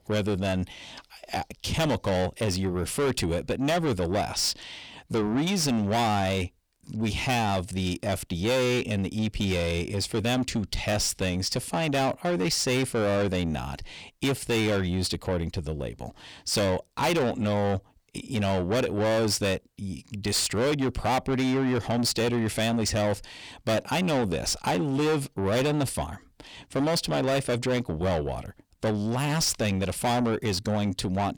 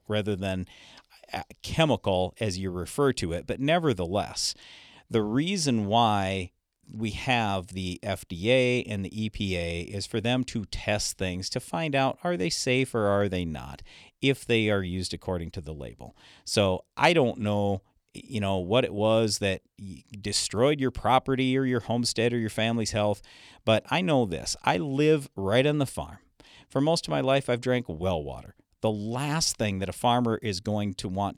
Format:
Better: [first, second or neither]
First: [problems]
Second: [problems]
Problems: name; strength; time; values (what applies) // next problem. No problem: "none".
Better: second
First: distortion; heavy; 6 dB below the speech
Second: none